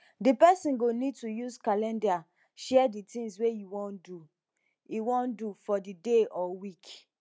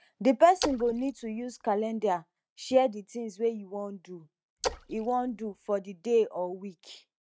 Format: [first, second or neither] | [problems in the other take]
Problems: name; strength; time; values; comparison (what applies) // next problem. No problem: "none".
first | noise reduction (neural mask model RNNoise)